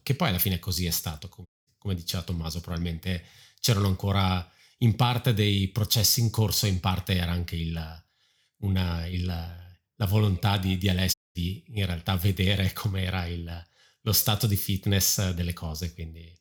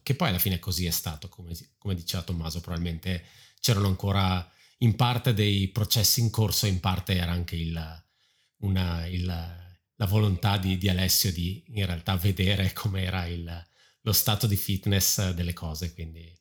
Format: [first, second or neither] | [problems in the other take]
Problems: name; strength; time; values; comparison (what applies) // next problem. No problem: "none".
second | audio cutting out; at 1.5 s and at 11 s